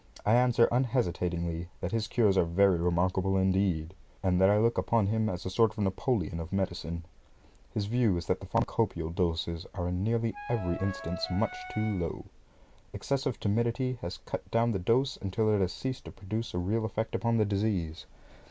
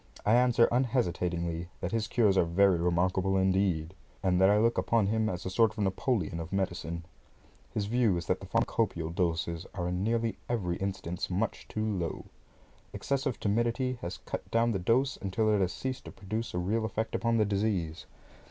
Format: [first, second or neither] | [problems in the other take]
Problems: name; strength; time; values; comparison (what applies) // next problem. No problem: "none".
second | background sound (Wind instrument, woodwind instrument); 12 dB below the speech